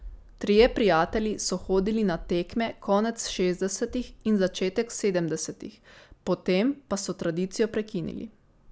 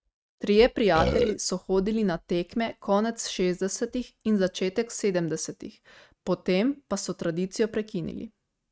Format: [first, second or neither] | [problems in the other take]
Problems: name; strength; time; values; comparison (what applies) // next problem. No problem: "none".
first | noise reduction (neural mask model RNNoise)